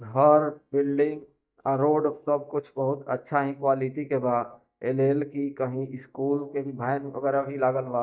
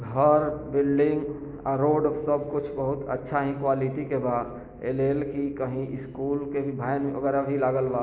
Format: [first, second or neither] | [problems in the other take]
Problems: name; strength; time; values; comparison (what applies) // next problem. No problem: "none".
second | noise reduction (neural mask model DeepFilterNet 3)